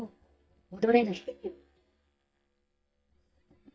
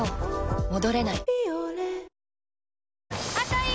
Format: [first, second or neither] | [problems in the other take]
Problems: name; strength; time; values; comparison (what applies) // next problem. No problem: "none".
second | noise reduction (neural mask model DeepFilterNet 3)